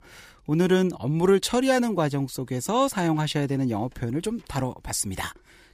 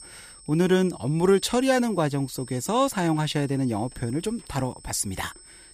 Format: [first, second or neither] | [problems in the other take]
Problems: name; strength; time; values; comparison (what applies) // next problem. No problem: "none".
first | high-pitched whine; noticeable; throughout; 8 kHz, 20 dB below the speech